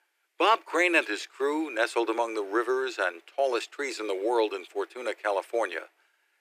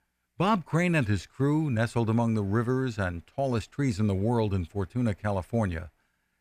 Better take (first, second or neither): second